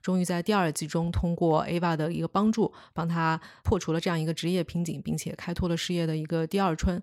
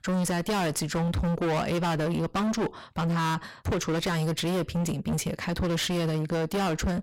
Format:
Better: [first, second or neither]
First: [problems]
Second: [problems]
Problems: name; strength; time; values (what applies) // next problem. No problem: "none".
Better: first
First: none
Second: distortion; heavy; 37% of the sound clipped